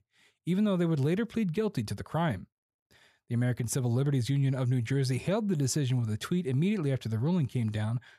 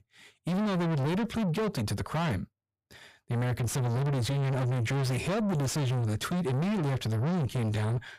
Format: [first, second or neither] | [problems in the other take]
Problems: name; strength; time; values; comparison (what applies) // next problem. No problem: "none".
first | distortion; heavy; 6 dB below the speech